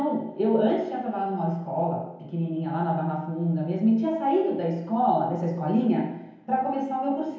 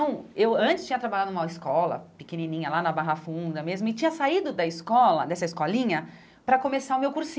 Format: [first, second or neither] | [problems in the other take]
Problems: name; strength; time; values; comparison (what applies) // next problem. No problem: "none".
second | room echo; dies away in 1 s